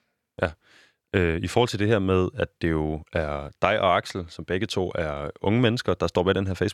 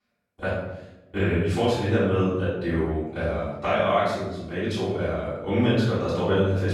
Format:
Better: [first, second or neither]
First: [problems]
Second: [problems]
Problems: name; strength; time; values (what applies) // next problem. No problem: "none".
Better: first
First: none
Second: off-mic speech; far // room echo; strong; dies away in 0.9 s